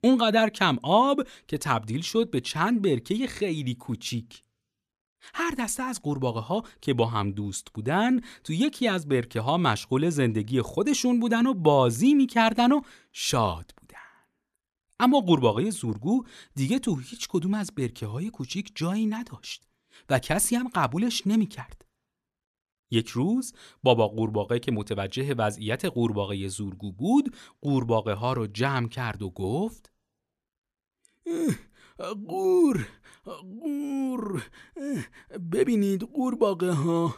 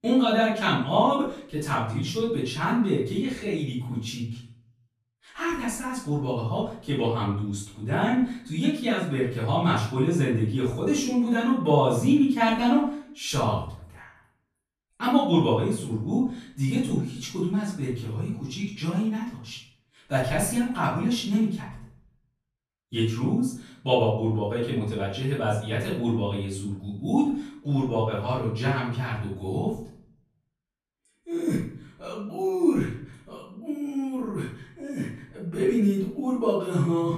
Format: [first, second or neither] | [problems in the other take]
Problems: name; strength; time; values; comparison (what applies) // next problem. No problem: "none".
first | off-mic speech; far // room echo; noticeable; dies away in 0.5 s